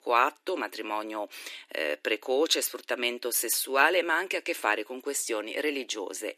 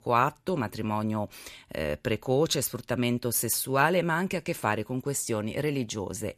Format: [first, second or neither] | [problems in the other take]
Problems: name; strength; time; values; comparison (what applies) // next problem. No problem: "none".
second | thin; somewhat; fading below 300 Hz